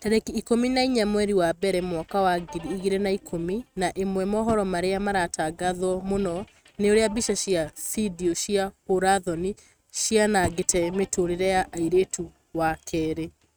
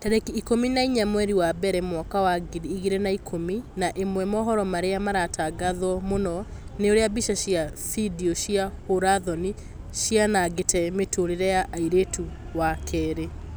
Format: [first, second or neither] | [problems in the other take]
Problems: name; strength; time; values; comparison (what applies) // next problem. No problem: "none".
second | noise reduction (neural mask model RNNoise)